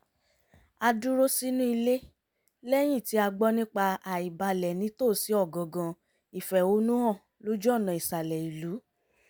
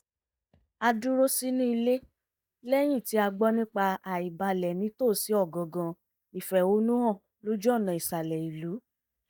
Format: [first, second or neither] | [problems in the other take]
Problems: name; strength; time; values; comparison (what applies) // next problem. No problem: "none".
first | noise reduction (neural mask model DeepFilterNet 3)